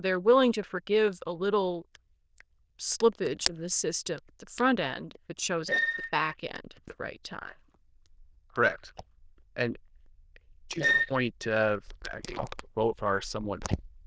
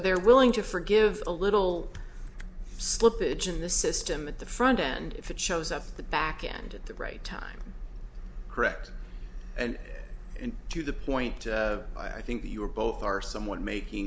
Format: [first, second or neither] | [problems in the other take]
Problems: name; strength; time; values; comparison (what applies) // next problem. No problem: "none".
second | noise reduction (neural diffusion model UNIVERSE++)